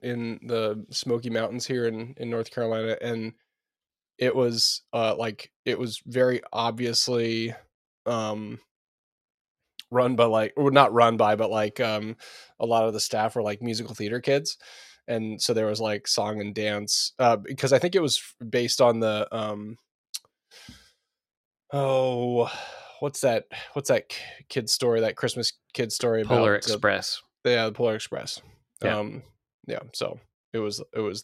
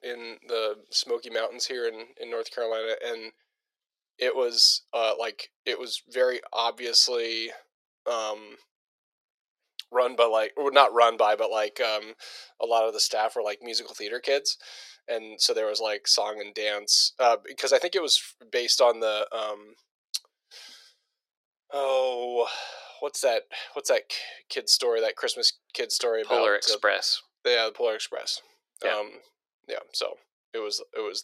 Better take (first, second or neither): first